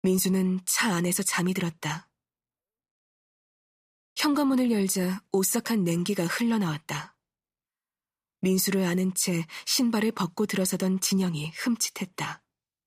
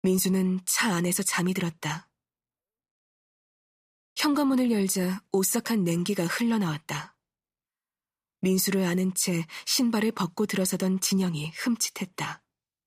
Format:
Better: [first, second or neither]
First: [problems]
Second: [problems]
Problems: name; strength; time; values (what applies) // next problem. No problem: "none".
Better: neither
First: none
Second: none